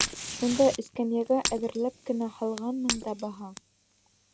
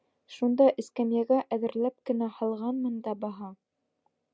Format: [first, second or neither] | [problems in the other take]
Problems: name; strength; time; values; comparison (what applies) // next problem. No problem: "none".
second | background sound (Shatter + Fire); 8 dB below the speech